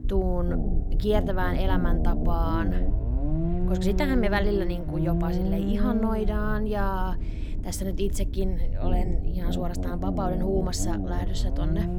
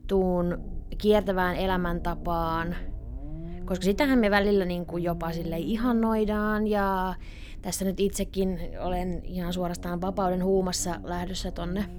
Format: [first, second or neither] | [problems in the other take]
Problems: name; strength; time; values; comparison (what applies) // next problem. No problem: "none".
second | low rumble; loud; throughout; 6 dB below the speech; faint in the second